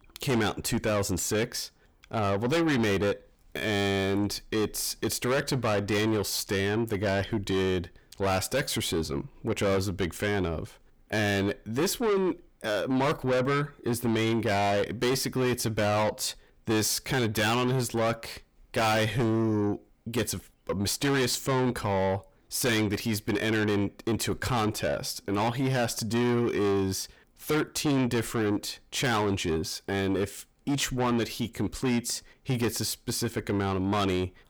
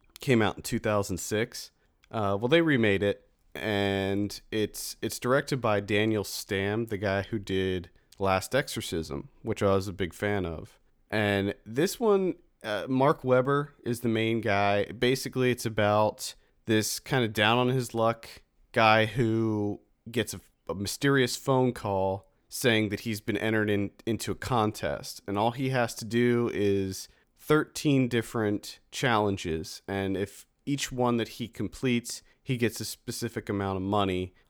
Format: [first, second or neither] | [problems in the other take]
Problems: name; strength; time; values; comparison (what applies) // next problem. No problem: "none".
second | distortion; heavy; 6 dB below the speech